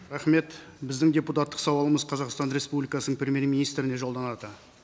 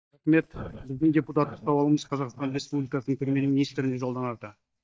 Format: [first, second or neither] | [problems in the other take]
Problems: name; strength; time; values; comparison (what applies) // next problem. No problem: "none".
first | noise reduction (neural mask model DeepFilterNet 3)